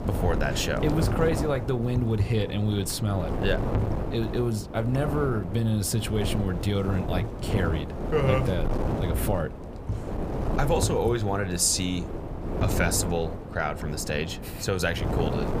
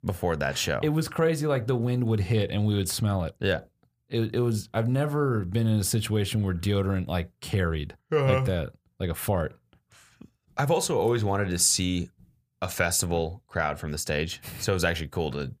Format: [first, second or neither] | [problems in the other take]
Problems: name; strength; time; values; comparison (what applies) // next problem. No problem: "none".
second | wind noise on the microphone; heavy; 6 dB below the speech